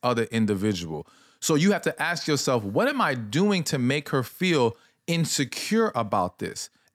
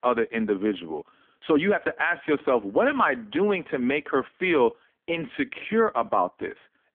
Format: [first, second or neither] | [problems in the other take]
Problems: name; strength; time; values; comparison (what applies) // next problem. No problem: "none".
first | phone-call audio; poor line; nothing above 3.5 kHz